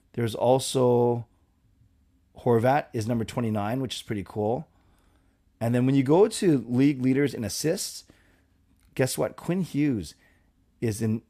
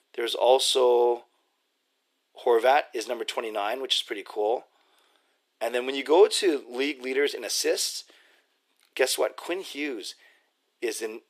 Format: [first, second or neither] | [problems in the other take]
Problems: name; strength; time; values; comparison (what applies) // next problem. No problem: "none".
first | thin; very; fading below 350 Hz